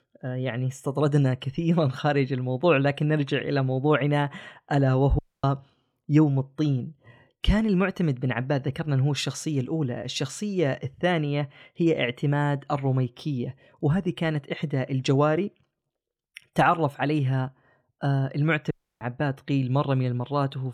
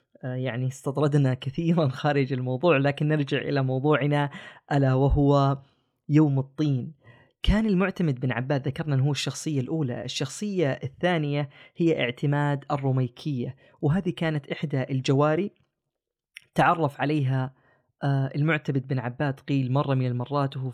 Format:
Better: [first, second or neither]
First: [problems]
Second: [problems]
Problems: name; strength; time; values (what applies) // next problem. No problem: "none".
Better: second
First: audio cutting out; at 5 s and at 19 s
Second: none